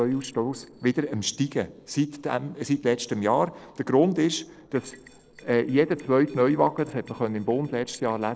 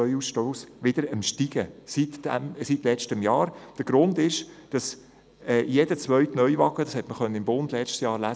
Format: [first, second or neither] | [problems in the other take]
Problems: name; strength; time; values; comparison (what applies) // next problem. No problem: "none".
second | noise reduction (neural separator model SepFormer DNS4)